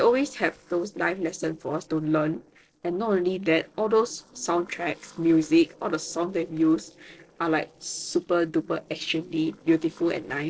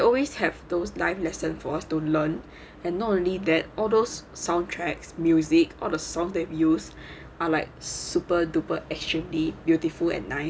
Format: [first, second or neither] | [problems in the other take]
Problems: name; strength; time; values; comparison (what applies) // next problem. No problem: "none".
second | noise reduction (neural separator model SepFormer DNS4)